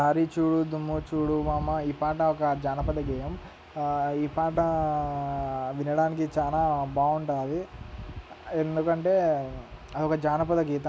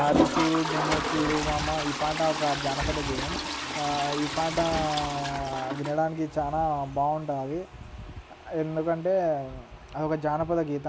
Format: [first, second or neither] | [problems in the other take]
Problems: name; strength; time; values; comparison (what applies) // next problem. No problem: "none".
first | background sound (Toilet flush); 4 dB below the speech